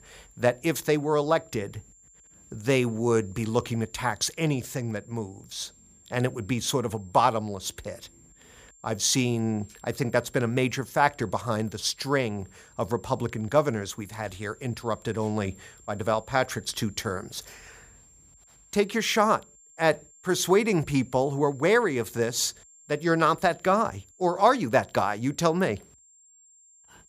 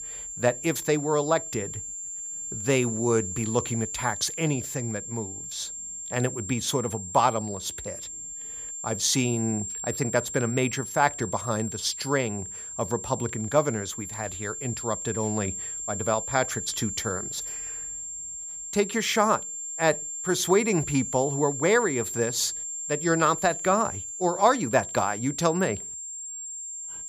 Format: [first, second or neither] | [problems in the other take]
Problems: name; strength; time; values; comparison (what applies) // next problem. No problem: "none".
first | high-pitched whine; loud; throughout; 7.5 kHz, 6 dB below the speech; faint in the first